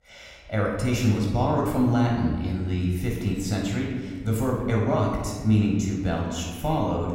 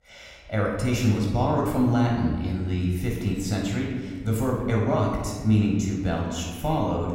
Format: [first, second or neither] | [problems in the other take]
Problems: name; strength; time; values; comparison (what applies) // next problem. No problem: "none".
neither | off-mic speech; somewhat distant; the same in both // room echo; noticeable; dies away in 1.4 s; the same in both